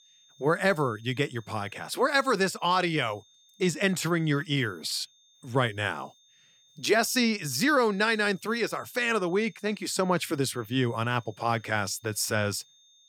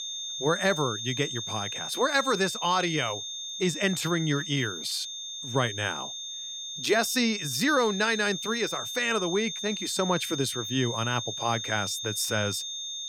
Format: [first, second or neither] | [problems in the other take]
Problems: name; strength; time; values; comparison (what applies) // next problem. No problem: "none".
first | high-pitched whine; loud; throughout; 3.5 kHz, 5 dB below the speech; faint in the first